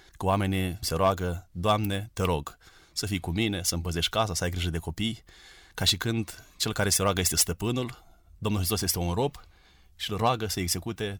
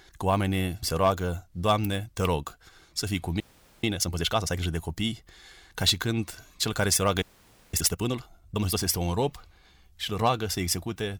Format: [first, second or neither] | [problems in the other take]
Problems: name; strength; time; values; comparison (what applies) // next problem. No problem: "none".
first | audio freezing; at 3.5 s and at 7 s for 0.5 s